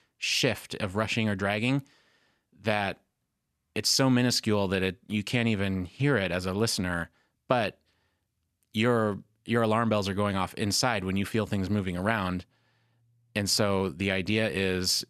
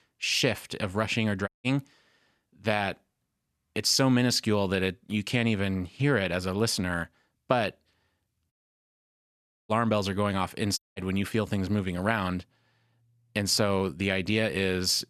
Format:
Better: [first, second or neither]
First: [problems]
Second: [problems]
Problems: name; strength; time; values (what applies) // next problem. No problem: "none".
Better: first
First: none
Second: audio cutting out; at 1.5 s, at 8.5 s for 1 s and at 11 s